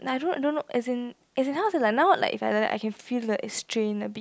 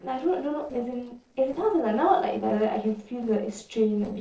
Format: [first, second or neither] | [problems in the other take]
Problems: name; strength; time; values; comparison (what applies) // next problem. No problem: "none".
first | noise reduction (neural separator model SepFormer DNS4)